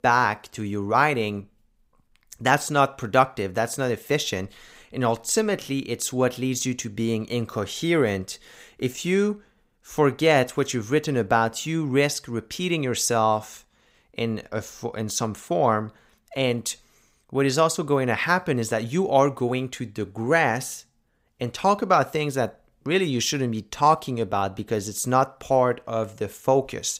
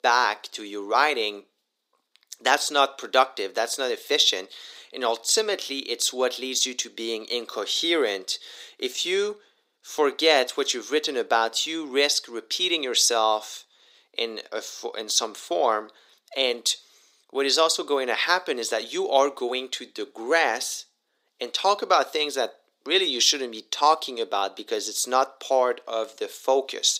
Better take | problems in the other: first | thin; somewhat; fading below 300 Hz

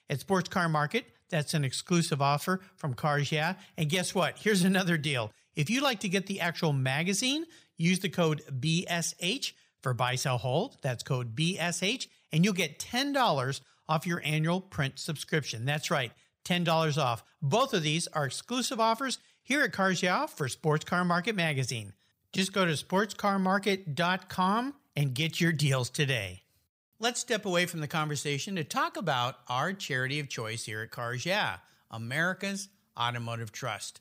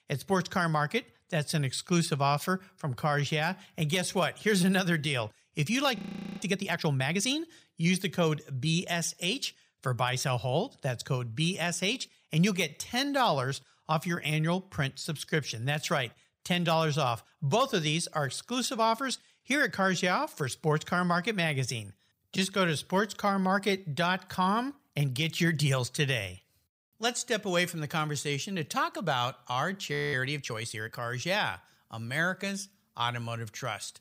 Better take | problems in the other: first | audio freezing; at 6 s and at 30 s

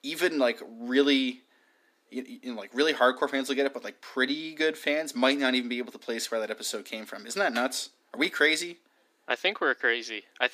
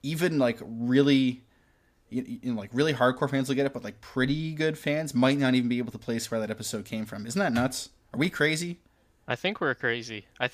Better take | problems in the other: second | thin; very slightly; fading below 300 Hz

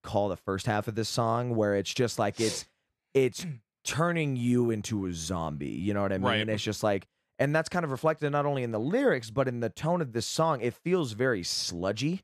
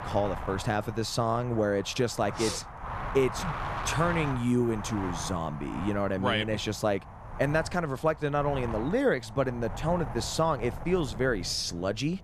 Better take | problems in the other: first | wind noise on the microphone; heavy; 8 dB below the speech

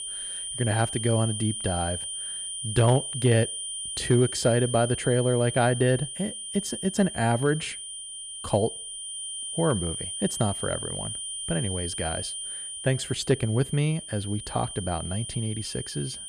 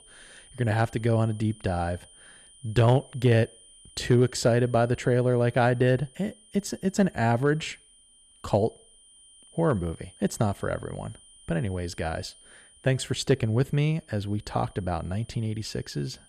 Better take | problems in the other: second | high-pitched whine; loud; throughout; 9.5 kHz, 6 dB below the speech; faint in the second

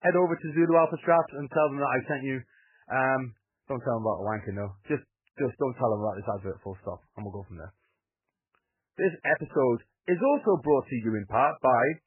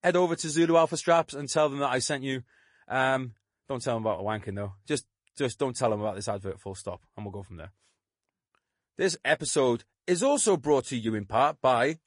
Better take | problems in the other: second | garbled, watery; badly; nothing above 2.5 kHz; slightly in the second

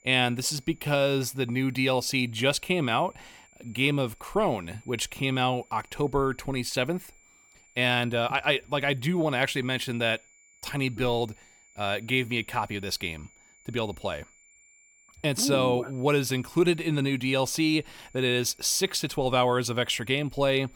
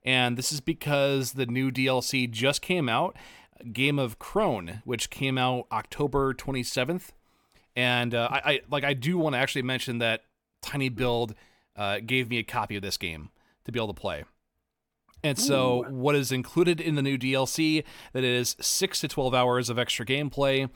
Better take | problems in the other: second | high-pitched whine; faint; throughout; 2.5 kHz, 30 dB below the speech

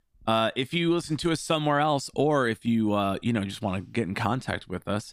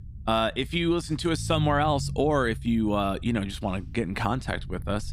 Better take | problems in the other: first | low rumble; faint; throughout; 20 dB below the speech

